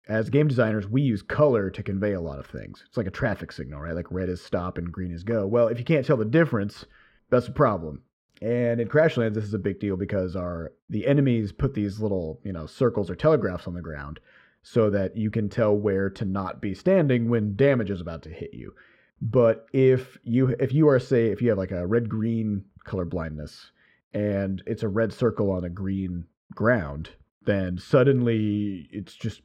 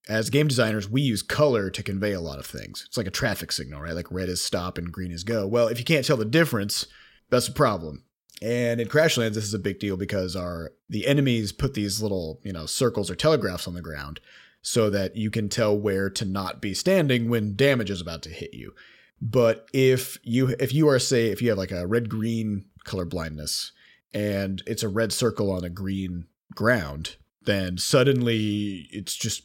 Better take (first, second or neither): second